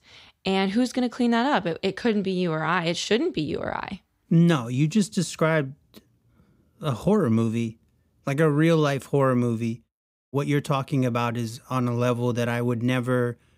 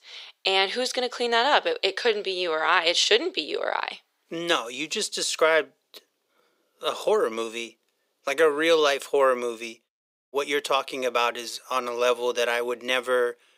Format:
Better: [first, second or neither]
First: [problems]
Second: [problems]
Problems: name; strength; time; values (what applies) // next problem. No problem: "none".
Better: first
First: none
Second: thin; very; fading below 450 Hz